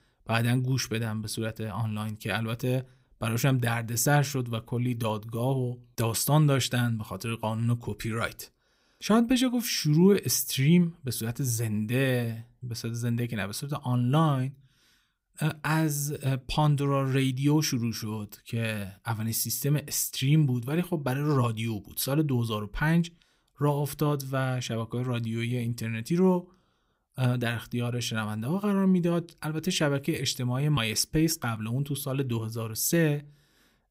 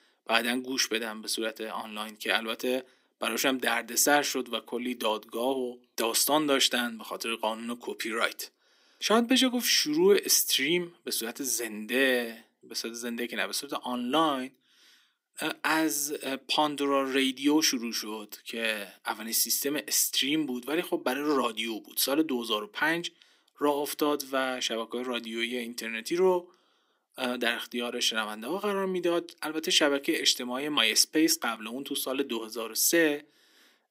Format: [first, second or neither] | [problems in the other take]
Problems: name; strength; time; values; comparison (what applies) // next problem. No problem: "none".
first | thin; somewhat; fading below 250 Hz